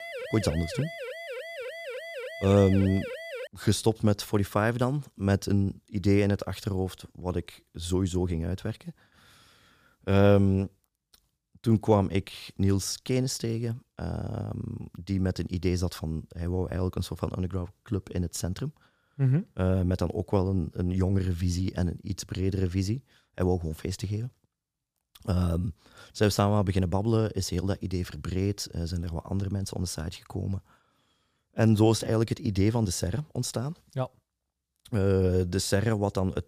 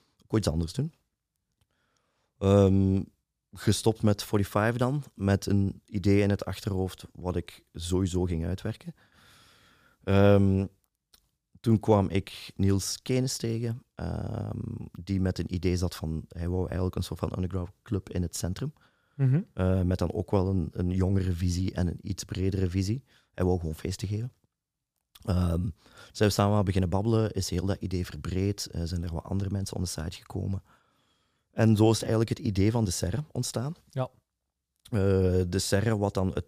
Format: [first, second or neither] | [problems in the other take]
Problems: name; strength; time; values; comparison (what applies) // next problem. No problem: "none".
second | siren; noticeable; until 3.5 s; peak 9 dB below the speech